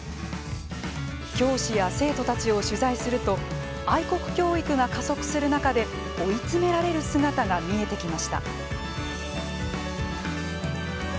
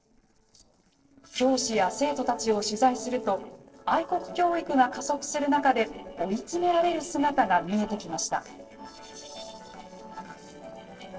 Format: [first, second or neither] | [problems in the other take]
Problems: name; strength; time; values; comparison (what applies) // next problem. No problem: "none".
first | noise reduction (neural separator model SepFormer DNS4)